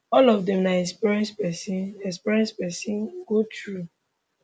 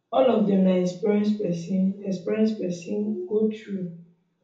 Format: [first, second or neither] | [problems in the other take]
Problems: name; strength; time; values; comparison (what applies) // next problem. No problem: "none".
first | room echo; dies away in 1 s